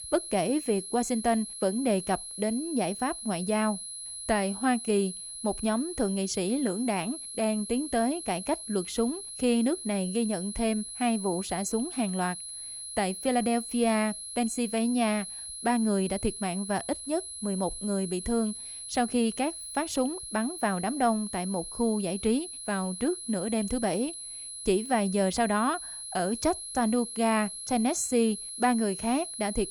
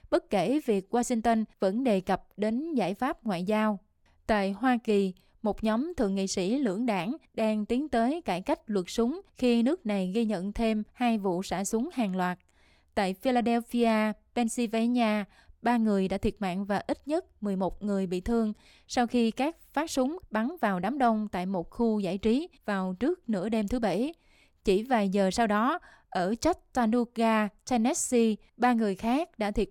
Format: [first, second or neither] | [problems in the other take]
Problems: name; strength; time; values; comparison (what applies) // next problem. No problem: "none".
second | high-pitched whine; loud; throughout; 10.5 kHz, 8 dB below the speech